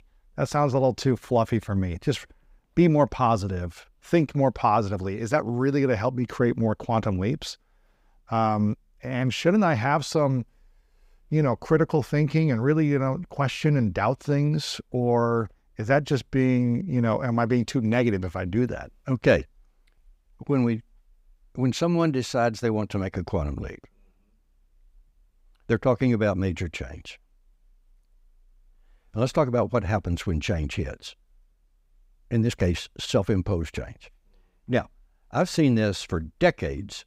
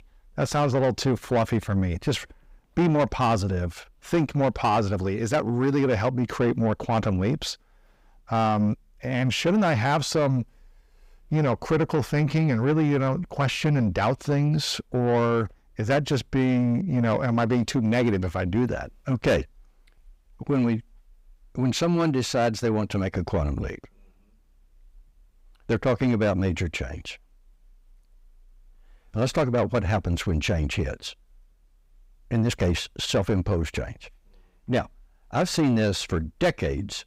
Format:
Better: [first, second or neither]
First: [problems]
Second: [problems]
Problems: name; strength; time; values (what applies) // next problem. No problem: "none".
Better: first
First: none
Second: distortion; slight; 10 dB below the speech